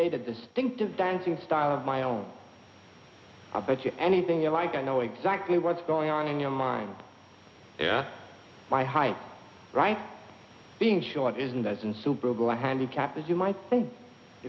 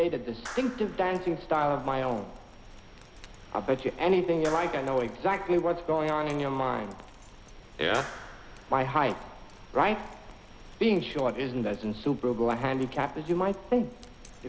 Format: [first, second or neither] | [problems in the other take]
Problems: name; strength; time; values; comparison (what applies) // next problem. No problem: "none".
first | background sound (Keys jangling + Clapping); 18 dB below the speech